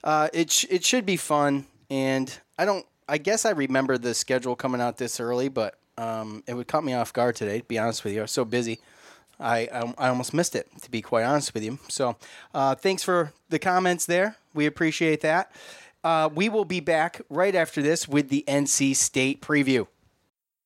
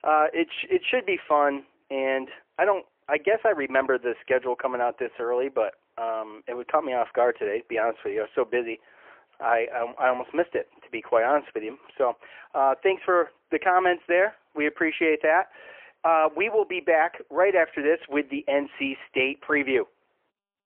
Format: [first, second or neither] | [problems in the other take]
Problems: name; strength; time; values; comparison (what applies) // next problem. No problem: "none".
first | phone-call audio; poor line; nothing above 3 kHz